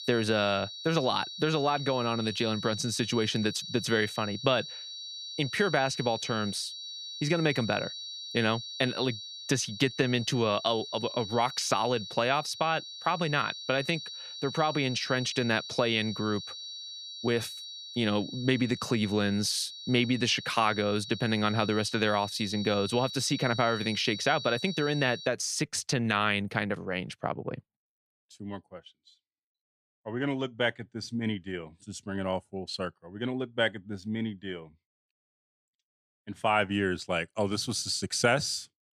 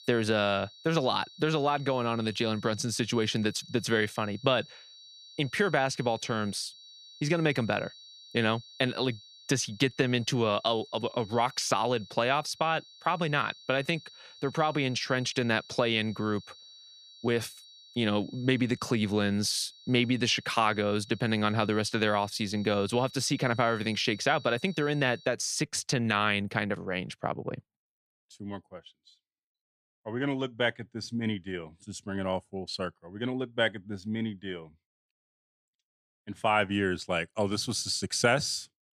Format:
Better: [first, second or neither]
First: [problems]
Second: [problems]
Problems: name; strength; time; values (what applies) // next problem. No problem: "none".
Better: second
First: high-pitched whine; loud; until 25 s; 4 kHz, 9 dB below the speech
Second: high-pitched whine; faint; until 25 s; 4 kHz, 20 dB below the speech